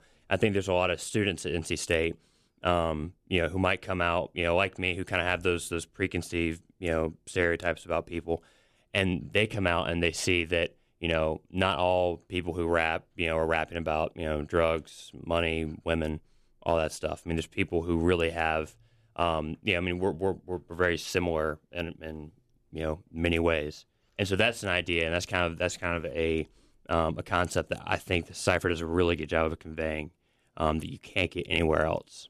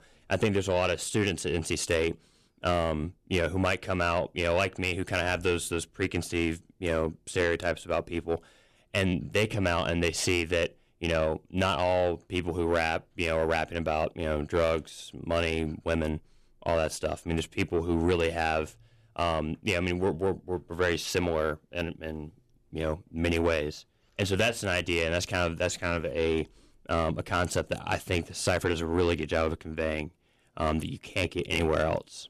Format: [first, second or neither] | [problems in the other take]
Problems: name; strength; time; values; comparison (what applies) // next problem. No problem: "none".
first | distortion; slight; 10 dB below the speech